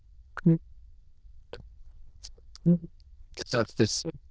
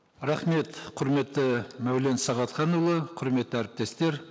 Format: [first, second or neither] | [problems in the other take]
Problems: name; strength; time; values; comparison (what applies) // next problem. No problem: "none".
second | noise reduction (neural diffusion model UNIVERSE++)